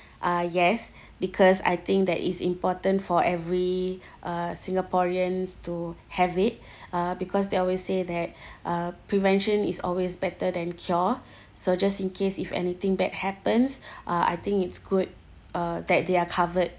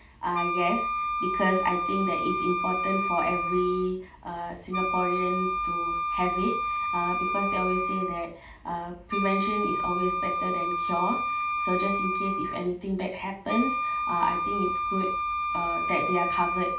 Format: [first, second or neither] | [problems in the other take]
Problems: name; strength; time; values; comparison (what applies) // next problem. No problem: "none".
first | background sound (Wind instrument, woodwind instrument); 1 dB above the speech // room echo; dies away in 0.3 s